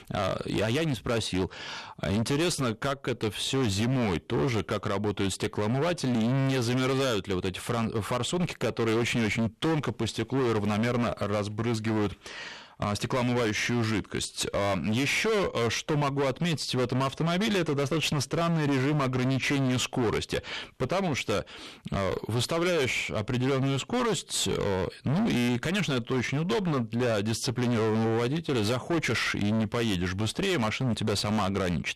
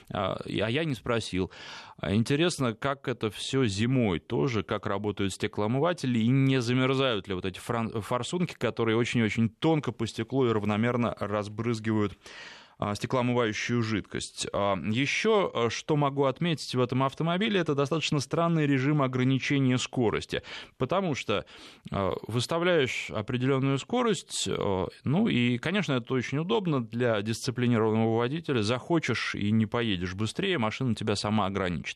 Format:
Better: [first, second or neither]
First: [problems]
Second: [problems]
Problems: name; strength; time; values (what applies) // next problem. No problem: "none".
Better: second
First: distortion; heavy; 27% of the sound clipped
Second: none